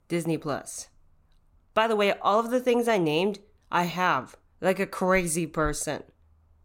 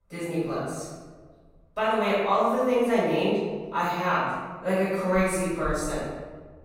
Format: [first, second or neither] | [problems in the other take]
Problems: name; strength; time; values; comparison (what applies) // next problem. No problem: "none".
first | off-mic speech; far // room echo; strong; dies away in 1.2 s